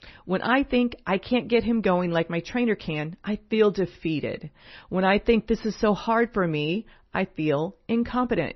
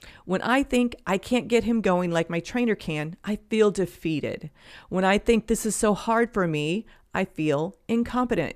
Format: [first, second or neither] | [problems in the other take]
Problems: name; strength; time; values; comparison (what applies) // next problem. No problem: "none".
second | garbled, watery; slightly; nothing above 6 kHz